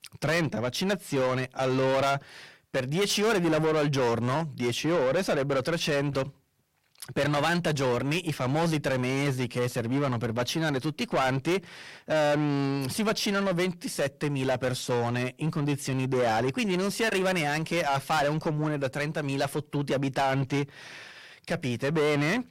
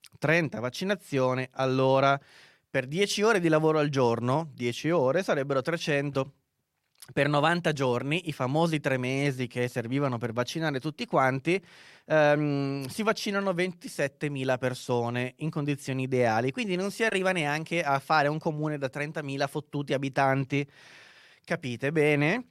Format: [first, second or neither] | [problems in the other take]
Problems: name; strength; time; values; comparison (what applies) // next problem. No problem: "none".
second | distortion; heavy; 6 dB below the speech